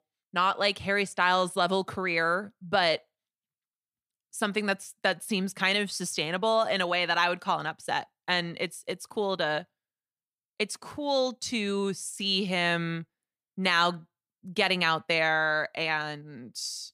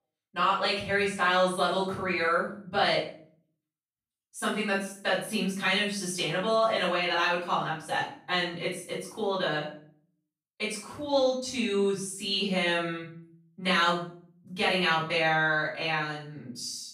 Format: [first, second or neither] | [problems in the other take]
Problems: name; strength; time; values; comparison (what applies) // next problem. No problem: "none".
first | off-mic speech; far // room echo; noticeable; dies away in 0.5 s